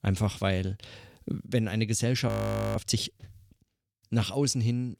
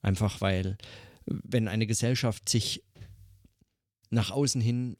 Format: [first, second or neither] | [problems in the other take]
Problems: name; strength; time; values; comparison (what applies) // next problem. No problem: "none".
second | audio freezing; at 2.5 s